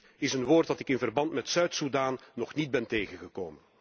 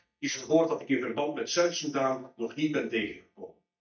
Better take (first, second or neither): first